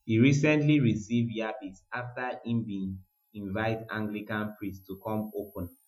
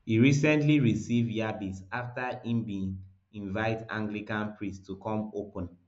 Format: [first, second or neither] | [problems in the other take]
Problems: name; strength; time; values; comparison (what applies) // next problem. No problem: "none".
second | noise reduction (classical method Wiener filter)